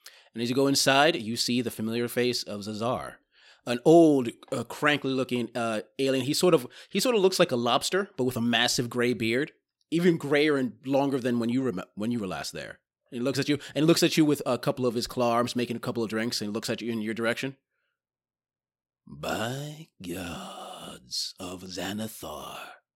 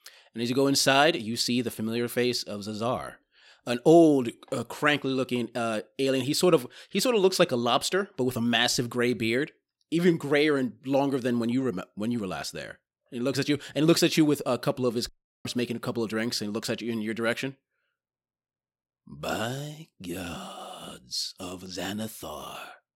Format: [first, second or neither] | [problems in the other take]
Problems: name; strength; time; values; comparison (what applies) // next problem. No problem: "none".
first | audio cutting out; at 15 s